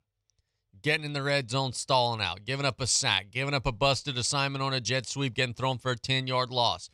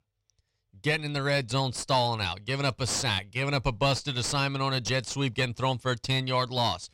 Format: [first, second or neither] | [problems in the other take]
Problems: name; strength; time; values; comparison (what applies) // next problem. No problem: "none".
first | distortion; slight; 9 dB below the speech